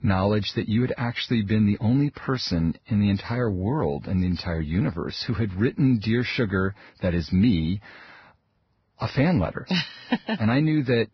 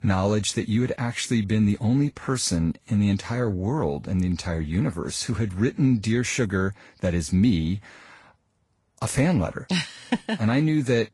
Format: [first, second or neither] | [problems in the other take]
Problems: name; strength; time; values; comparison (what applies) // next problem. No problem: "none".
second | garbled, watery; badly; nothing above 5.5 kHz; slightly in the second